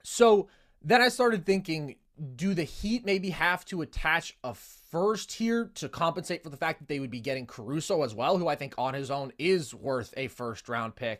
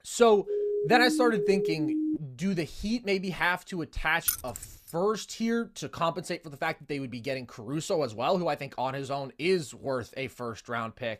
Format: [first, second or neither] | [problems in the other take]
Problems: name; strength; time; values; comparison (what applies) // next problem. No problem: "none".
first | siren; loud; until 2 s; peak level with the speech // jangling keys; noticeable; at 4.5 s; peak level with the speech